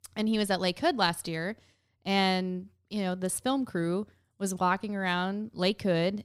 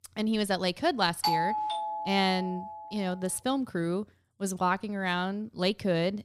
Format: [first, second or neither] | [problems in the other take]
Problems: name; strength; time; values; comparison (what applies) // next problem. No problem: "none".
first | doorbell; loud; from 1 to 3 s; peak 2 dB above the speech